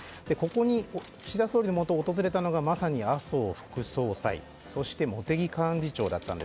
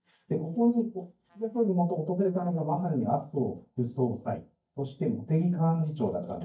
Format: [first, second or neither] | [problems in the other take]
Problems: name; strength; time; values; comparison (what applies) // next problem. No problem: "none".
first | noise reduction (neural mask model DeepFilterNet 3)